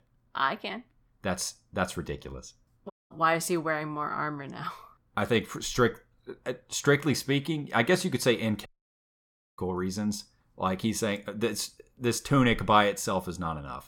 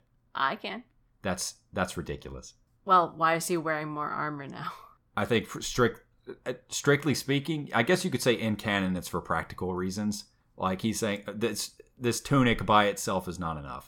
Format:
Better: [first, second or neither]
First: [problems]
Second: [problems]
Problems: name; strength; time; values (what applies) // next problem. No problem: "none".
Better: second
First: audio cutting out; at 3 s and at 8.5 s for 1 s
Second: none